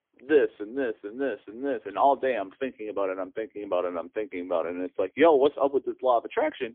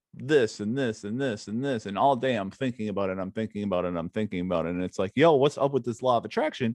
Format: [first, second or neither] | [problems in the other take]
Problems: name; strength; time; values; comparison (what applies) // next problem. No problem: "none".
second | phone-call audio; poor line; nothing above 3.5 kHz